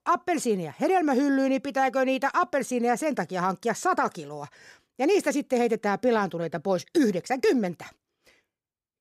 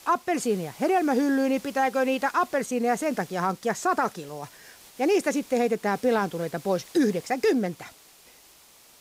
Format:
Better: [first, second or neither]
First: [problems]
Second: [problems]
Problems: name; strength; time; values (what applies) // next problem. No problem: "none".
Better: first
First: none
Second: hiss; faint; throughout; 20 dB below the speech